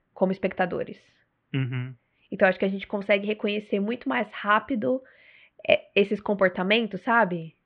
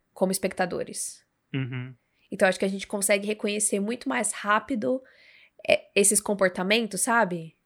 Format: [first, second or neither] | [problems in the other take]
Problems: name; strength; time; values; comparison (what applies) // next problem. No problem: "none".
second | muffled; very; fading above 3 kHz